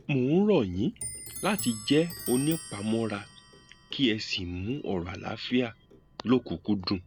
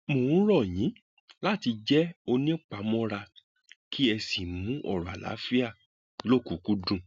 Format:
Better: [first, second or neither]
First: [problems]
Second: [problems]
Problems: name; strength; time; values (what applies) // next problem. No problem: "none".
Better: second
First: background sound (Clock); 15 dB below the speech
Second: none